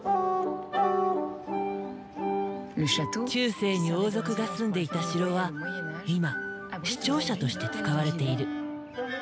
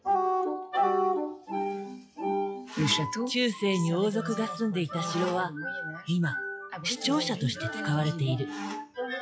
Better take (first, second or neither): first